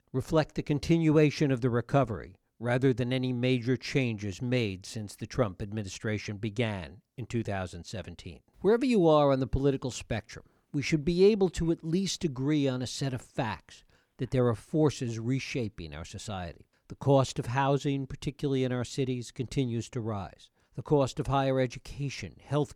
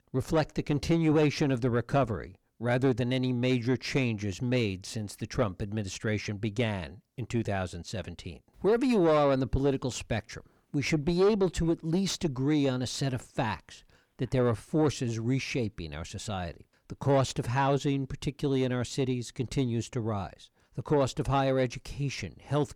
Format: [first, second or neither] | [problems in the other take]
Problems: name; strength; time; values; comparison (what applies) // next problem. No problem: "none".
first | distortion; slight; 10 dB below the speech